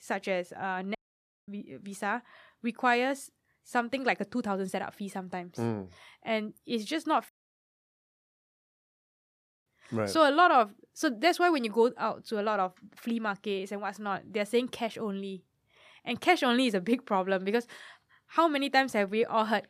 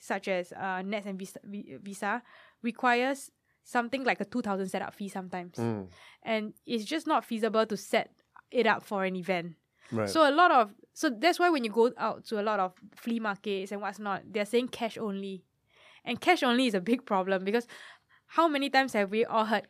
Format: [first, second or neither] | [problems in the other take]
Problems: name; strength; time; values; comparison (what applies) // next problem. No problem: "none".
second | audio cutting out; at 1 s for 0.5 s and at 7.5 s for 2.5 s